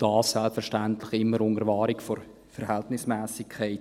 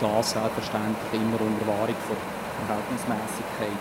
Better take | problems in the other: first | background sound (Wind); 4 dB below the speech

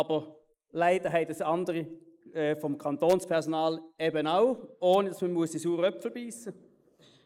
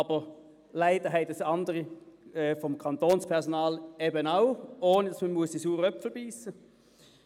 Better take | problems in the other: second | noise reduction (neural mask model Resemble Enhance denoiser)

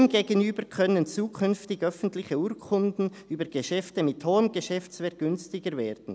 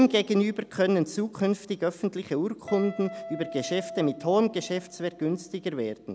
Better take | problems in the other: first | background sound (Guitar); 17 dB below the speech

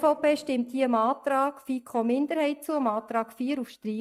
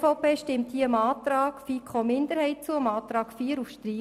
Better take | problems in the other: second | noise reduction (neural mask model DeepFilterNet 3)

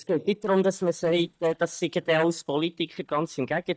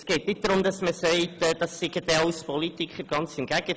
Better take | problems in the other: second | noise reduction (neural mask model DeepFilterNet 3)

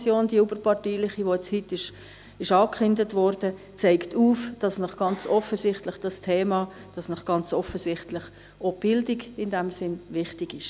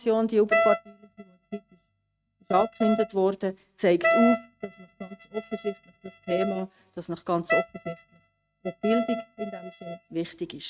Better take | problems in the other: first | noise reduction (neural mask model RNNoise)

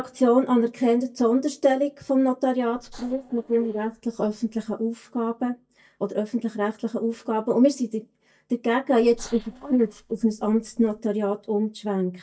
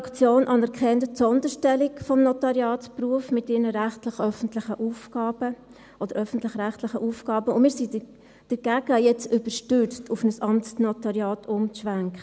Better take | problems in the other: second | noise reduction (neural mask model DeepFilterNet 3)

